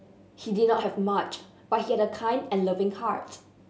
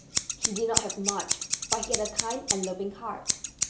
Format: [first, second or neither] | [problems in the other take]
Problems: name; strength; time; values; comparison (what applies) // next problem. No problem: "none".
first | background sound (Scissors); 3 dB above the speech